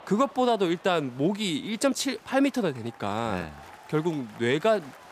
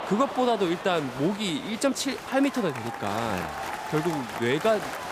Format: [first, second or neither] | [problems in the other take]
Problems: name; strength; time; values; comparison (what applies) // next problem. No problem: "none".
first | crowd noise; loud; throughout; 8 dB below the speech; faint in the first